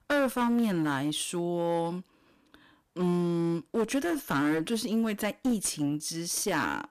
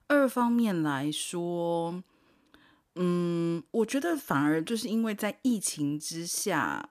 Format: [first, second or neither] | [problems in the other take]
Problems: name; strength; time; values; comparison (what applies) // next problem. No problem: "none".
second | distortion; slight; 12% of the sound clipped